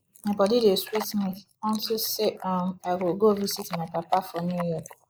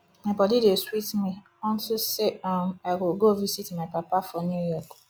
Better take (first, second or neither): second